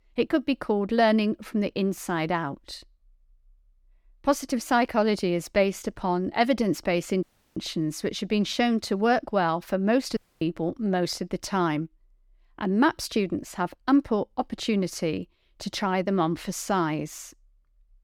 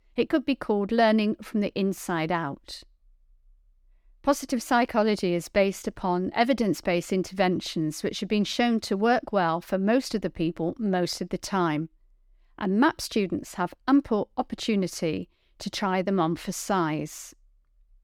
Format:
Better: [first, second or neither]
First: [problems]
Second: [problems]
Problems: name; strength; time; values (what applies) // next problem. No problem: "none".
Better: second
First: audio cutting out; at 7 s and at 10 s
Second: none